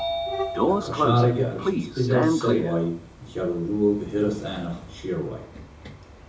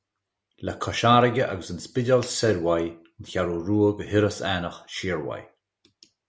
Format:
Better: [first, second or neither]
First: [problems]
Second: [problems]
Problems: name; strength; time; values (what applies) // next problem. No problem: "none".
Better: second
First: background sound (Sliding door / Train); 2 dB below the speech // room echo; dies away in 0.5 s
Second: none